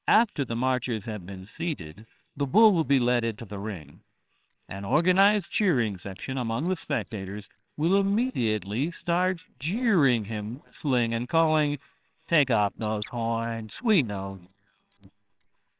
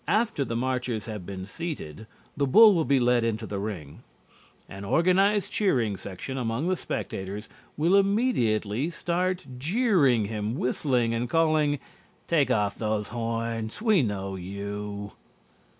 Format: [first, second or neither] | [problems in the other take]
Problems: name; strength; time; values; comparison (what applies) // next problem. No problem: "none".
second | noise reduction (neural separator model SepFormer WHAMR!)